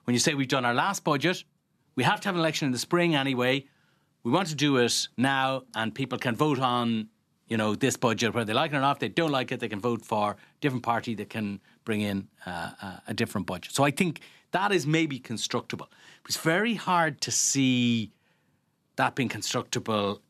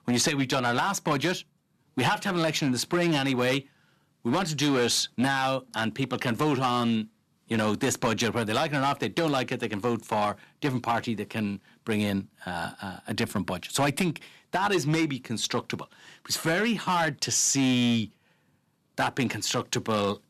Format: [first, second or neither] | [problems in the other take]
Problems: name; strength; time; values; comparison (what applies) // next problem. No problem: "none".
first | distortion; slight; 7% of the sound clipped